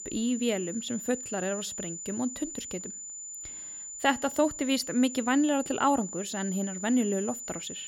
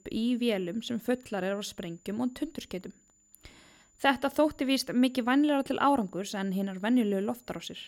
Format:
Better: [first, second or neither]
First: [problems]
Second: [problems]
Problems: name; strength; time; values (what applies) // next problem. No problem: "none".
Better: second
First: high-pitched whine; loud; throughout; 7 kHz, 8 dB below the speech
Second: high-pitched whine; faint; throughout; 7 kHz, 35 dB below the speech